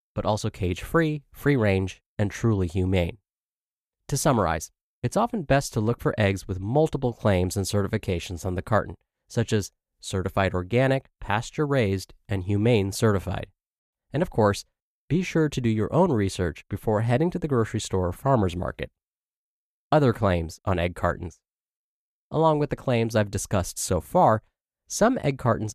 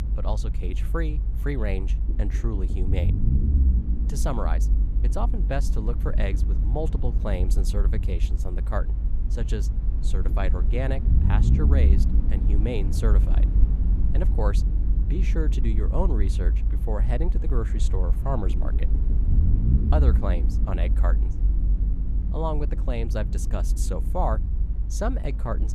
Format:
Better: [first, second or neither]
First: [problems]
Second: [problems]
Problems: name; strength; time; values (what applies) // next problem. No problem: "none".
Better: first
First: none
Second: low rumble; loud; throughout; 7 dB below the speech